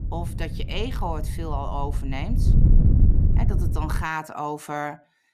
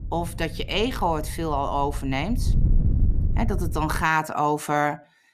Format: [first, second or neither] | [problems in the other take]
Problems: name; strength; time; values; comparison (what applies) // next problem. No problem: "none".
second | wind noise on the microphone; heavy; until 4 s; 7 dB below the speech; occasional gusts in the second